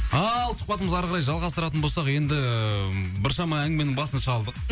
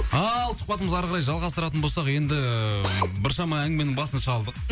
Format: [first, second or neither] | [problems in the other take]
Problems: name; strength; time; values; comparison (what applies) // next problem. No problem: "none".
first | background sound (Drill); 15 dB below the speech